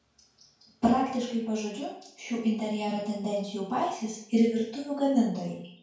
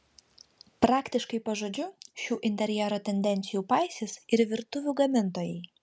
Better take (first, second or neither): second